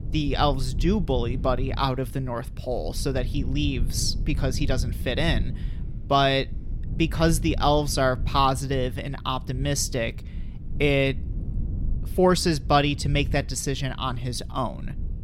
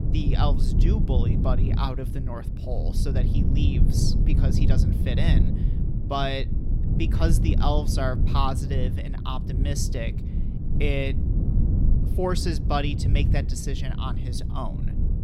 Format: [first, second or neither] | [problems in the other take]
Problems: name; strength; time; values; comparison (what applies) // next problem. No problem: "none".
first | low rumble; loud; throughout; 6 dB below the speech; faint in the first